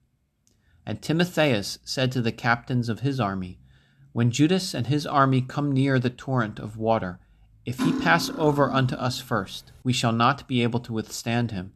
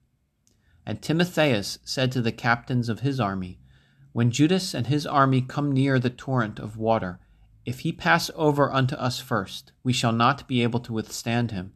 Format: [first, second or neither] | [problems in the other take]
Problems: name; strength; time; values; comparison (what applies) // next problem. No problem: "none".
second | clattering dishes; noticeable; from 8 to 9 s; peak 2 dB below the speech